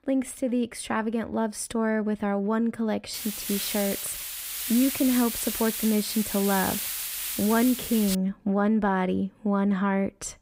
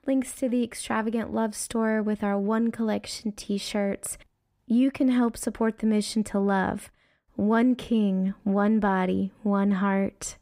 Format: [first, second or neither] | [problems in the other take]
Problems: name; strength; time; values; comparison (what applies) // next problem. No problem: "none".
second | hiss; loud; from 3 to 8 s; 4 dB below the speech